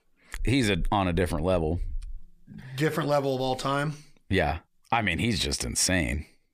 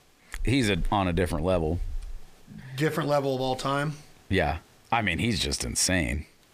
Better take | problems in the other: first | hiss; faint; throughout; 30 dB below the speech

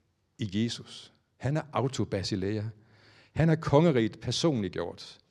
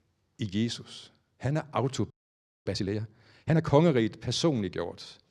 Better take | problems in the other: first | audio freezing; at 2 s for 0.5 s

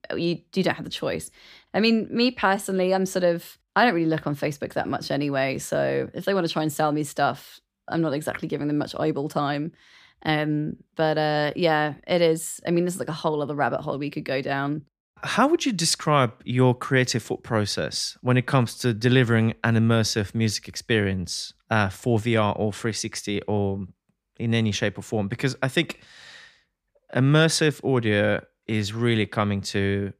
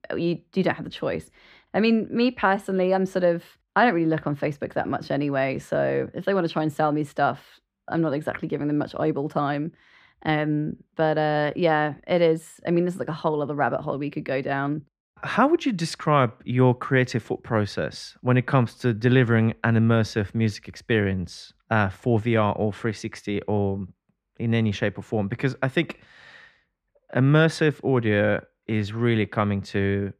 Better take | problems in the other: first | muffled; slightly; fading above 3.5 kHz

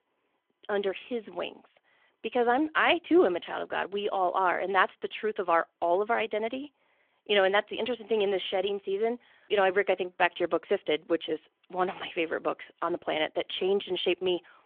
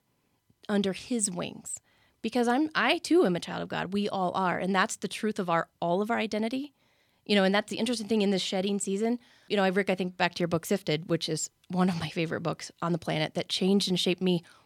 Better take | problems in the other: second | phone-call audio; nothing above 3.5 kHz

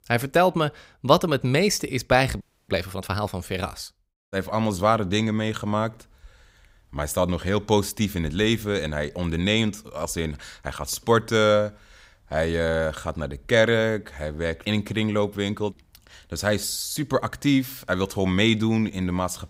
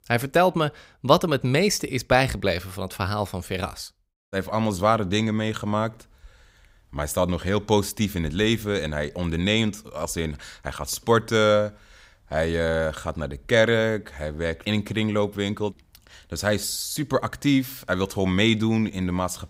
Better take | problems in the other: second | audio freezing; at 2.5 s

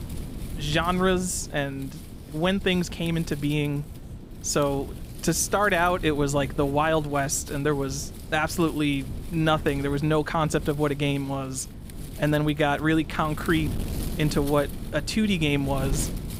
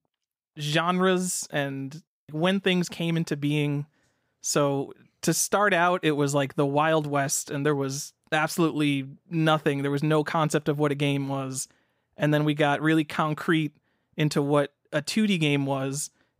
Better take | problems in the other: second | wind noise on the microphone; occasional gusts; 20 dB below the speech

